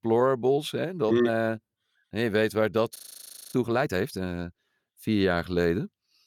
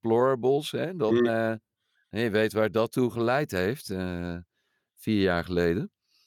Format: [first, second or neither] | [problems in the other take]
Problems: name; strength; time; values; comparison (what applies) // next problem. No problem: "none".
second | audio freezing; at 3 s for 0.5 s